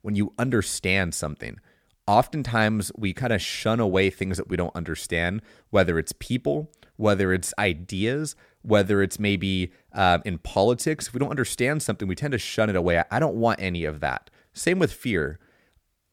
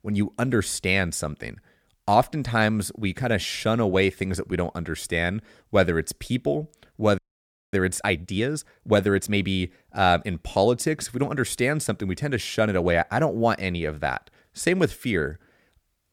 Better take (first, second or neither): first